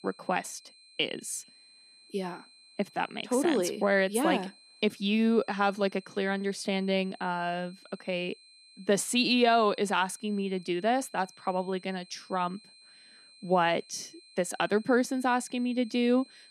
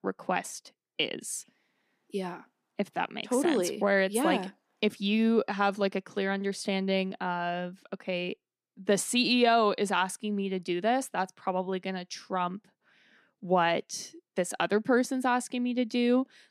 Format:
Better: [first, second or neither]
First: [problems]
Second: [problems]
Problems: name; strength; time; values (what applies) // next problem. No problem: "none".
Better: second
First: high-pitched whine; faint; throughout; 4 kHz, 25 dB below the speech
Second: none